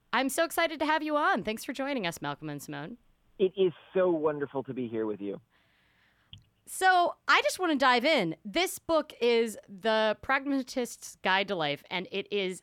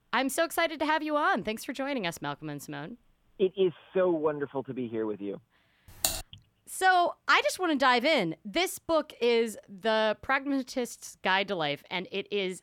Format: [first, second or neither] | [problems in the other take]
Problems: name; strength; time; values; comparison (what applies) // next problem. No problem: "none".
first | keyboard typing; noticeable; at 6 s; peak 1 dB below the speech